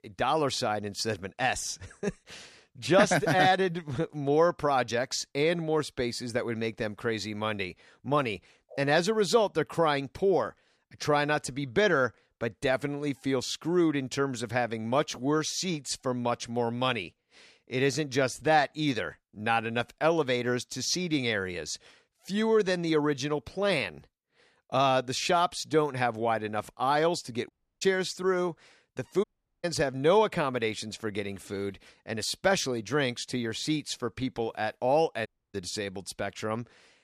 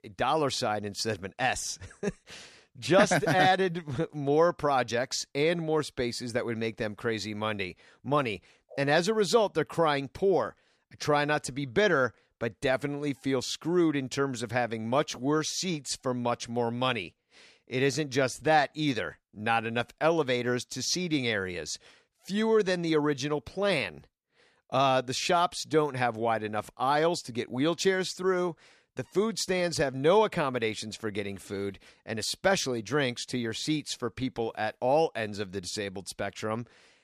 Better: second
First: audio cutting out; at 28 s, at 29 s and at 35 s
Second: none

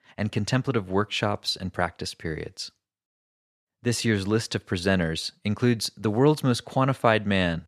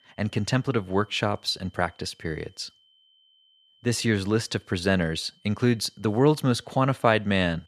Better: first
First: none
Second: high-pitched whine; faint; throughout; 3 kHz, 35 dB below the speech

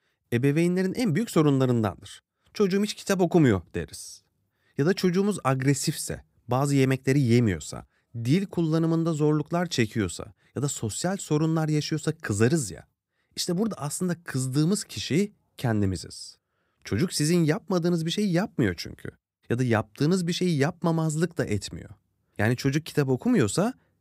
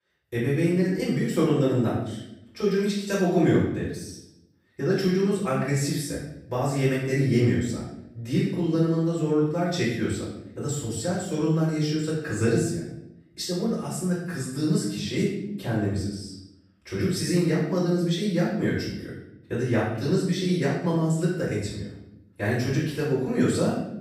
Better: first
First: none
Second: off-mic speech; far // room echo; noticeable; dies away in 0.7 s

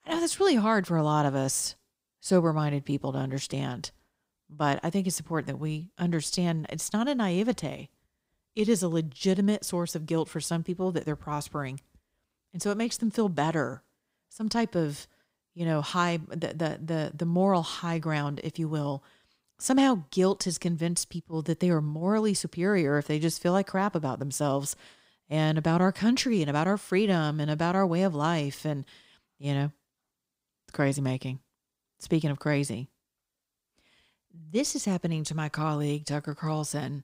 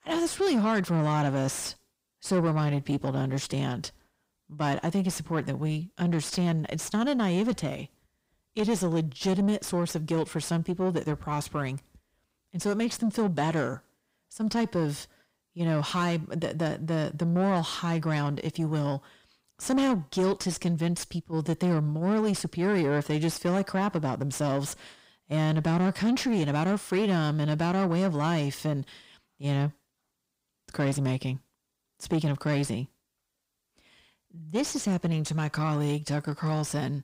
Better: first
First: none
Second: distortion; slight; 10 dB below the speech

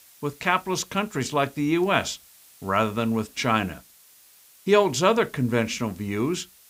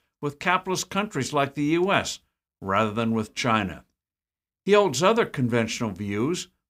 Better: second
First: hiss; faint; throughout; 25 dB below the speech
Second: none

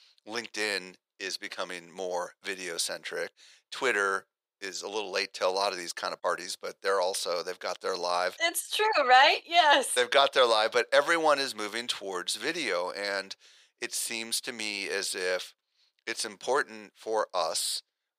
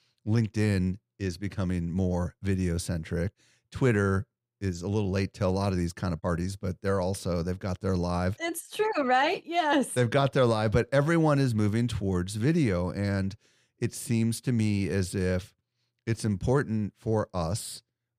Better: second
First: thin; very; fading below 550 Hz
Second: none

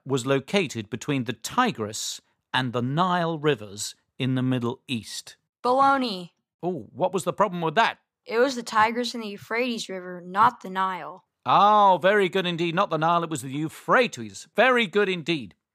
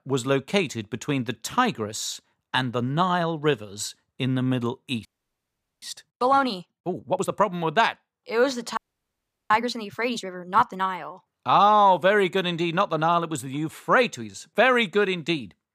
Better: first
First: none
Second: audio freezing; at 5 s for 1 s and at 9 s for 0.5 s

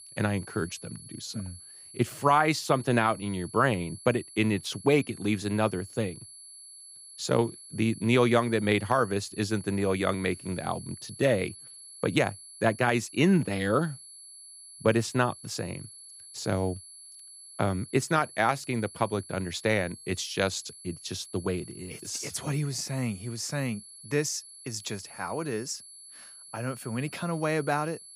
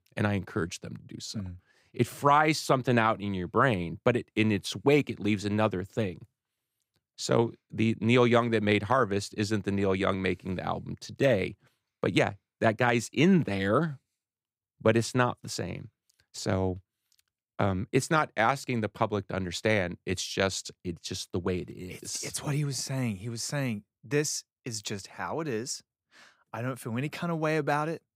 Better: second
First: high-pitched whine; noticeable; throughout; 11 kHz, 15 dB below the speech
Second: none

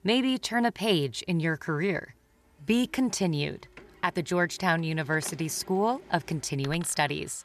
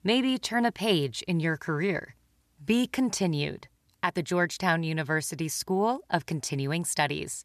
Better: second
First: household noises; faint; throughout; 20 dB below the speech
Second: none

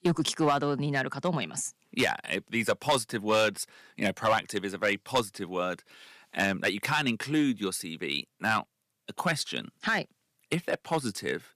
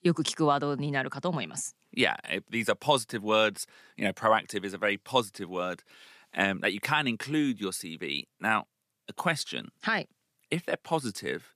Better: second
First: distortion; slight; 2% of the sound clipped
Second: none

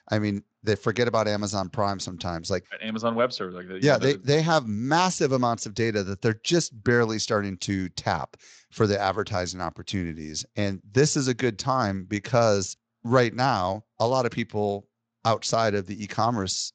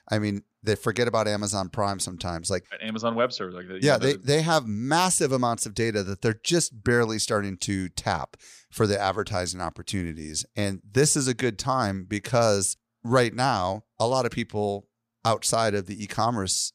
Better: second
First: garbled, watery; slightly; nothing above 7.5 kHz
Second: none

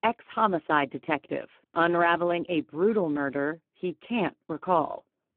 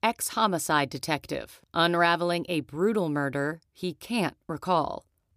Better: second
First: phone-call audio; poor line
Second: none

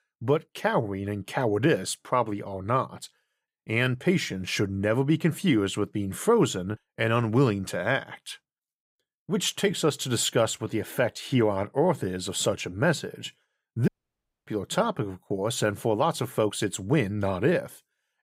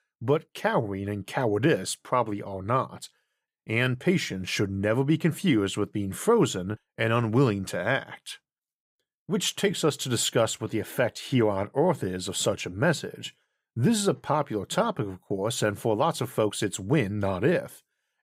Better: second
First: audio cutting out; at 14 s for 0.5 s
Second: none

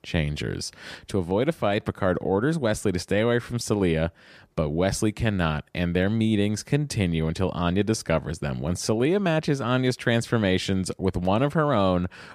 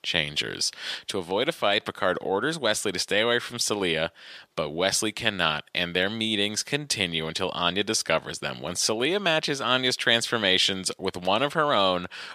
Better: first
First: none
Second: thin; somewhat; fading below 950 Hz

